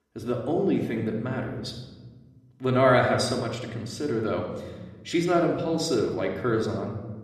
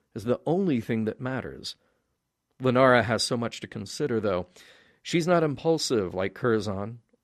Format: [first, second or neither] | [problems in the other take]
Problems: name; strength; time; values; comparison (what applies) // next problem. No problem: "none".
second | room echo; slight; dies away in 1.3 s // off-mic speech; somewhat distant